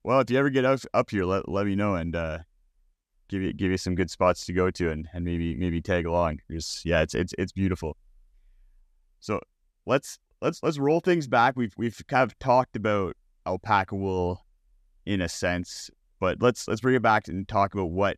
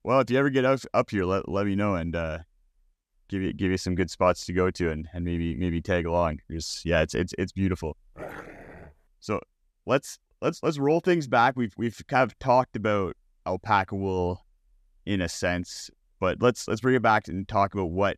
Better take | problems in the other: first | dog barking; faint; at 8 s; peak 15 dB below the speech

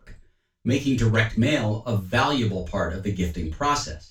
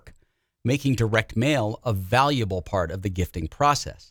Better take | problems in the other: second | room echo; slight; dies away in 0.2 s // off-mic speech; far

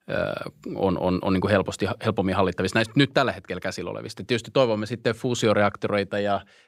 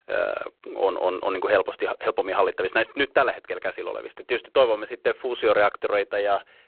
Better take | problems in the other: first | phone-call audio; poor line

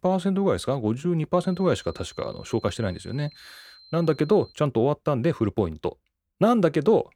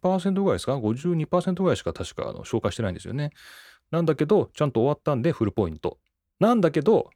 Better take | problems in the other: second | high-pitched whine; faint; from 1.5 to 4.5 s; 4 kHz, 25 dB below the speech

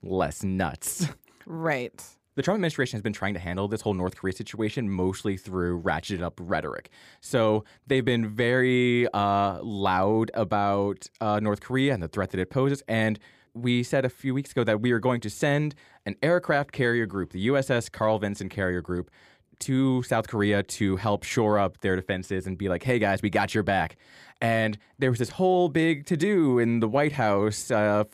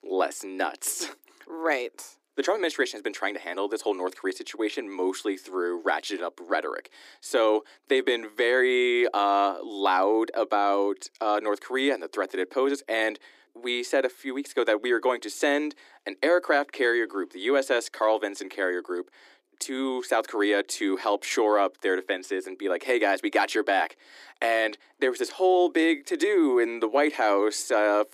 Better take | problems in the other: first | thin; somewhat; fading below 300 Hz

